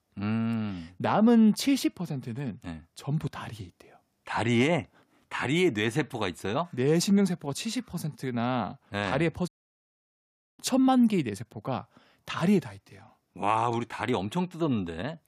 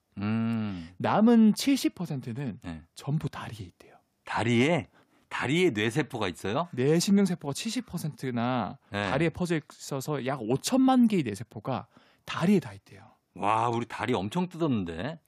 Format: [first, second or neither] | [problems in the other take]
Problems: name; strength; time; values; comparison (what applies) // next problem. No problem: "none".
second | audio cutting out; at 9.5 s for 1 s